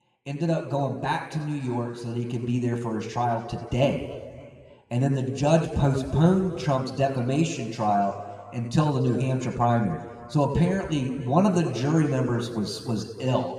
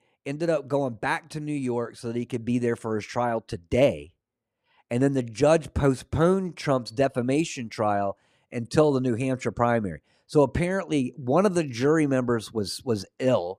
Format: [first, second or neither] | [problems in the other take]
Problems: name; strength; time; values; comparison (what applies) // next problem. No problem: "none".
second | room echo; slight; dies away in 2 s